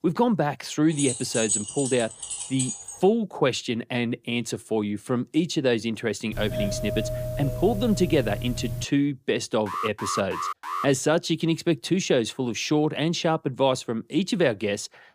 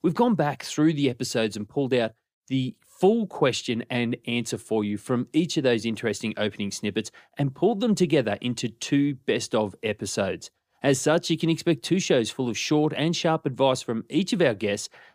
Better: second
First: jangling keys; loud; from 1 to 3 s; peak level with the speech // doorbell; noticeable; from 6.5 to 9 s; peak 4 dB below the speech // alarm; noticeable; from 9.5 to 11 s; peak 5 dB below the speech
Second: none

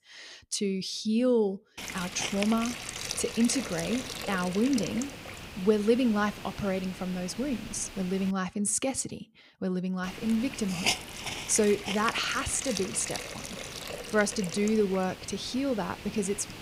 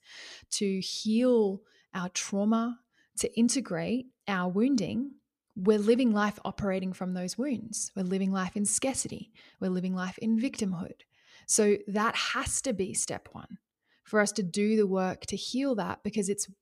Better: second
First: hiss; loud; from 2 to 8.5 s and from 10 s on; 7 dB below the speech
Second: none

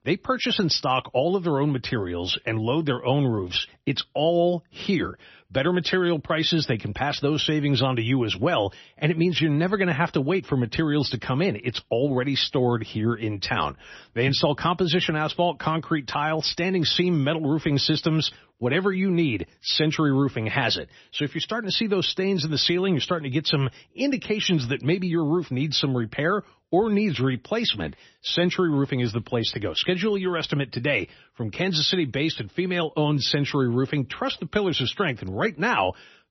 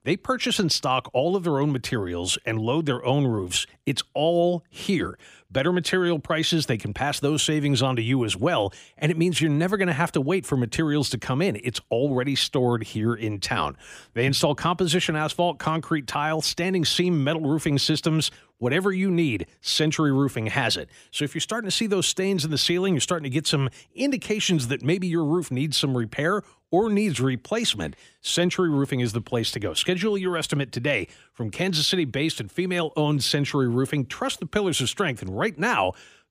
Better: second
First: garbled, watery; slightly; nothing above 6 kHz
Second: none

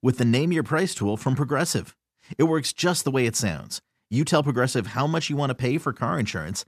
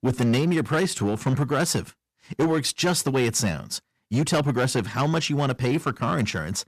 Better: first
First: none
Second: distortion; slight; 9% of the sound clipped

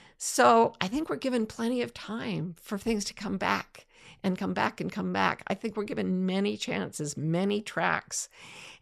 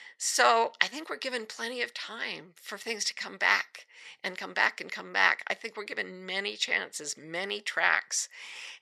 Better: first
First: none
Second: thin; very; fading below 500 Hz

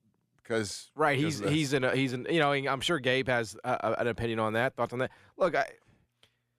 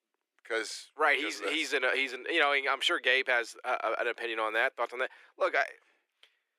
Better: first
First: none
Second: thin; very; fading below 350 Hz

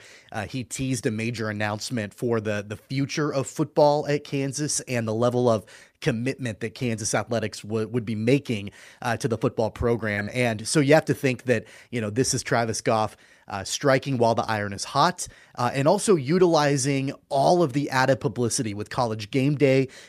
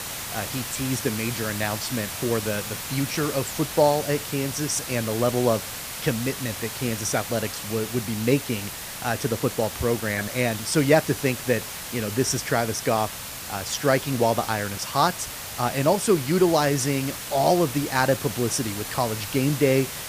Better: first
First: none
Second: hiss; loud; throughout; 7 dB below the speech

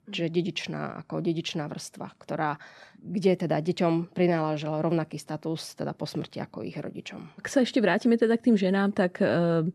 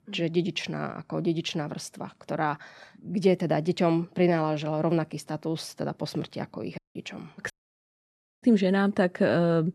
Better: first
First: none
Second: audio cutting out; at 7 s and at 7.5 s for 1 s

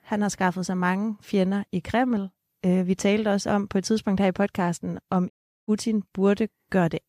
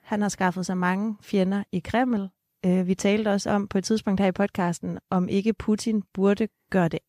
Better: second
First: audio cutting out; at 5.5 s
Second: none

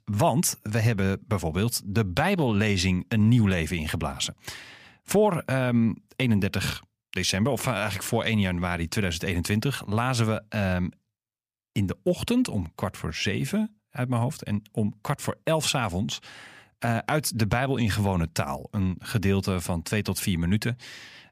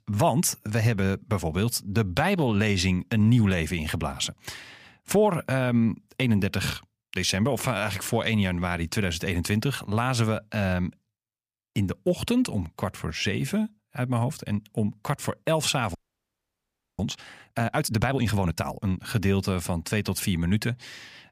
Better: first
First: none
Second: audio freezing; at 16 s for 1 s

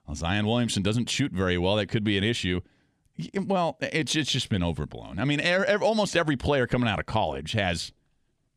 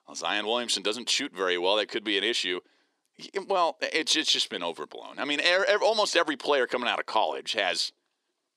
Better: first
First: none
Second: thin; very; fading below 350 Hz

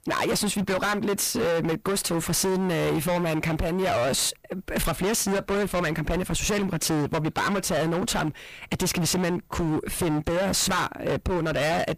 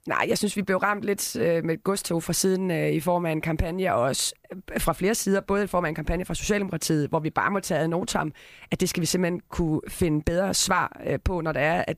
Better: second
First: distortion; heavy; 31% of the sound clipped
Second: none

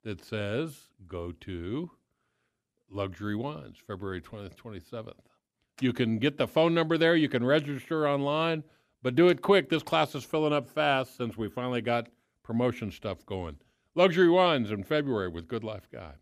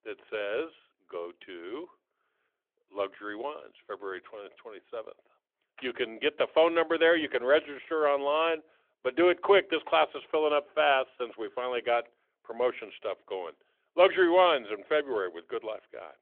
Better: first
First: none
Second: phone-call audio; nothing above 3.5 kHz

